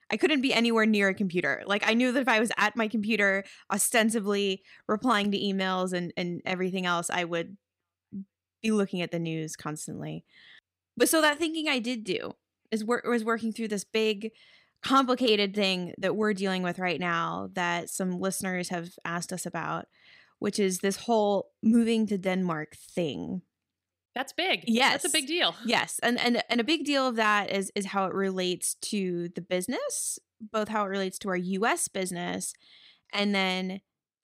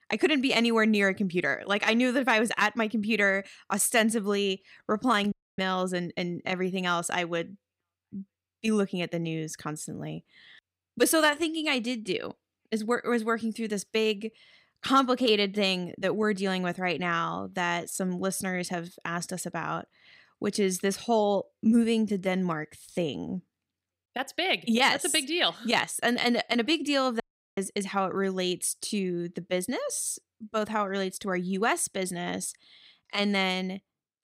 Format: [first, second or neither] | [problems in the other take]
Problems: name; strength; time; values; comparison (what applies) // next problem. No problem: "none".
first | audio cutting out; at 5.5 s and at 27 s